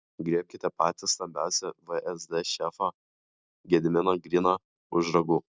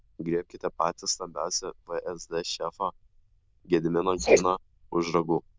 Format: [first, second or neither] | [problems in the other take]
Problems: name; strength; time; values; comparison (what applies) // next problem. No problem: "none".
first | noise reduction (neural diffusion model UNIVERSE++)